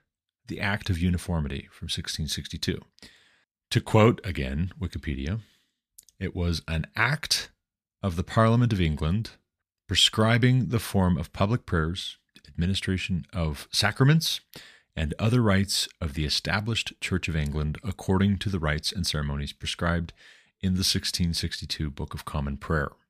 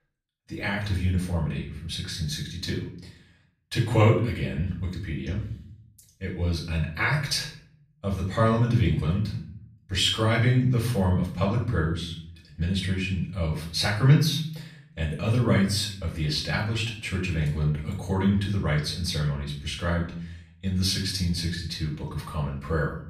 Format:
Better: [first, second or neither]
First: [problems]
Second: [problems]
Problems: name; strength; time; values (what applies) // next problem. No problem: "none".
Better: first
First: none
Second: off-mic speech; far // room echo; slight; dies away in 0.5 s